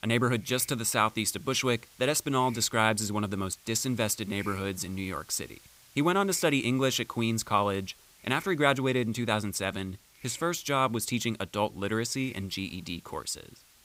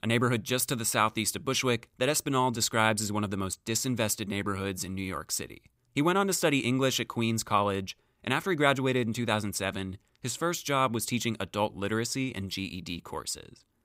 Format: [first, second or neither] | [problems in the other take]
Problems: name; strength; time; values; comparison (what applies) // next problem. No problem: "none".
second | hiss; faint; throughout; 25 dB below the speech